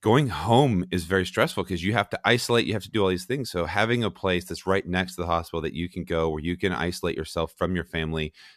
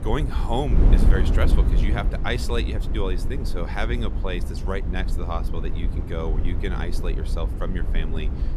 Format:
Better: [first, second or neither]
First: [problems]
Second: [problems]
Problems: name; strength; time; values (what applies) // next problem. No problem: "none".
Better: first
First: none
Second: wind noise on the microphone; heavy; 7 dB below the speech